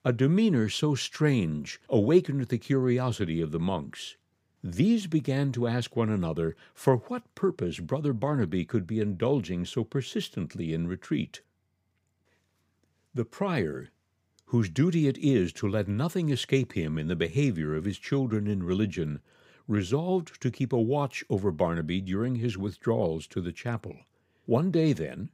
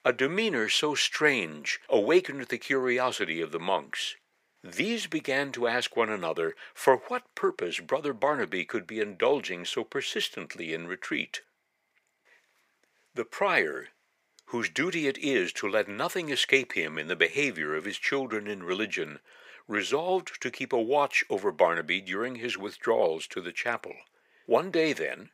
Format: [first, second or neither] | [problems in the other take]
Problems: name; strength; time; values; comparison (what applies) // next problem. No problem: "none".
first | thin; very; fading below 550 Hz